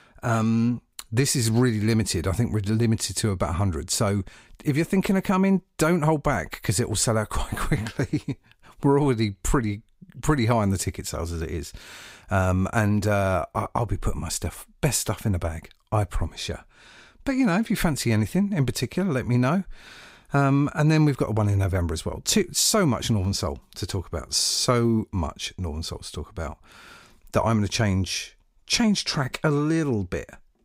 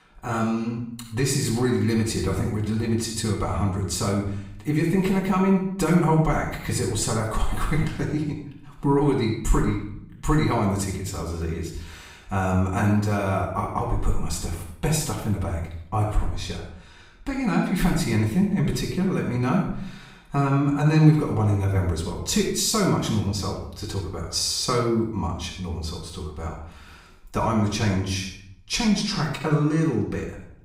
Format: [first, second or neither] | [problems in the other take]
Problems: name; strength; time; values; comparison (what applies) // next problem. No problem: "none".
first | off-mic speech; far // room echo; noticeable; dies away in 0.6 s